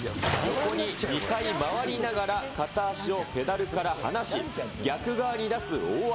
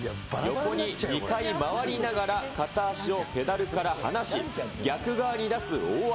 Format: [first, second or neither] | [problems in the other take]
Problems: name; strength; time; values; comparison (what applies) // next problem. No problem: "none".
second | background sound (Bathtub (filling or washing) / Splash, splatter); 11 dB below the speech